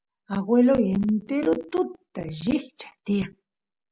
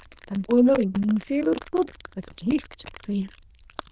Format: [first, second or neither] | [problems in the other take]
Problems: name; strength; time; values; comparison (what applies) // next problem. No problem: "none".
first | noise reduction (neural diffusion model UNIVERSE++)